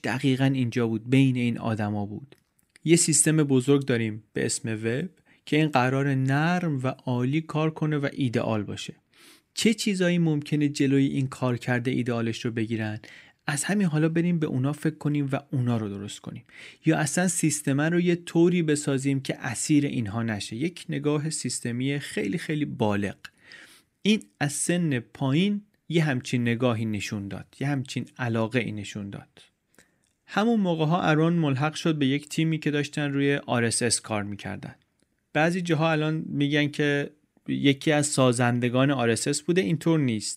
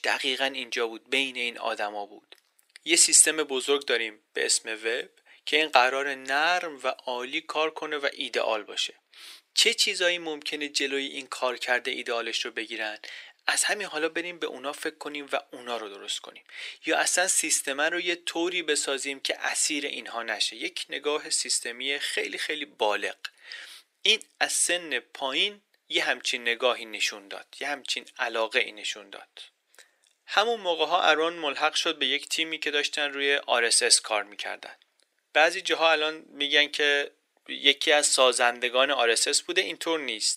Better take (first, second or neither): first